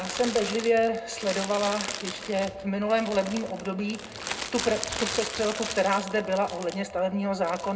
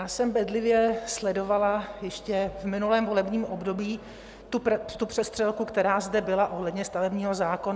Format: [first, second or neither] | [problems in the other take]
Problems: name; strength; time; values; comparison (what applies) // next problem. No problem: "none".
second | background sound (Crumpling, crinkling); 9 dB below the speech // room echo; dies away in 0.2 s